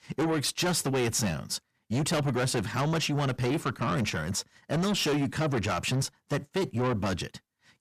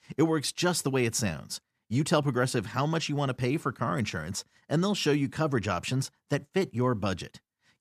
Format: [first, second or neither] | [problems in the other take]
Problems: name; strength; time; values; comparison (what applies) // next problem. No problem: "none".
second | distortion; heavy; 7 dB below the speech